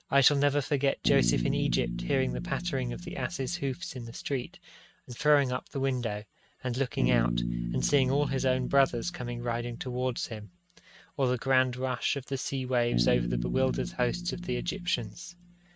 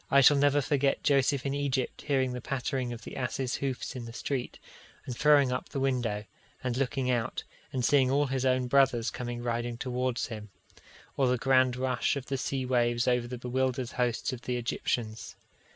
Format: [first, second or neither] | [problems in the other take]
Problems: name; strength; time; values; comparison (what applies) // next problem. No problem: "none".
second | noise reduction (neural mask model RNNoise)